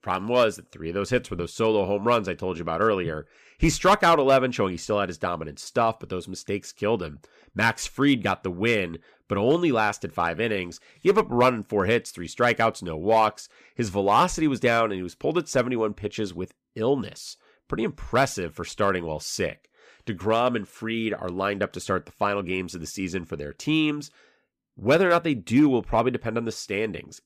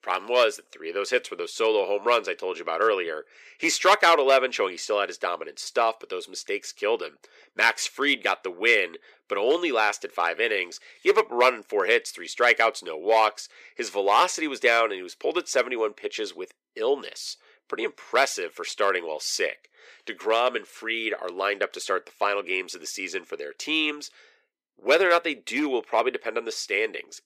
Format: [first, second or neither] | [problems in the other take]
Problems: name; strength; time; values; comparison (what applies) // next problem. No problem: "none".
first | thin; somewhat; fading below 400 Hz